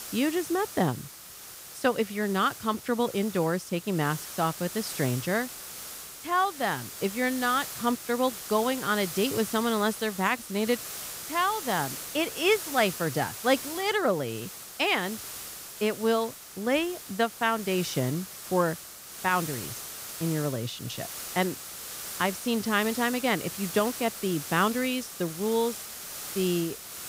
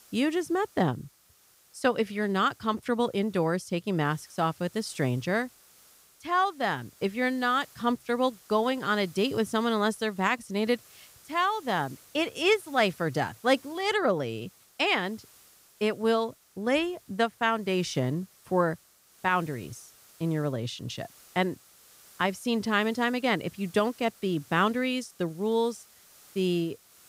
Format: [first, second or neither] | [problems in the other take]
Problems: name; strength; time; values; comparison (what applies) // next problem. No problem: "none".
second | hiss; loud; throughout; 9 dB below the speech; faint in the second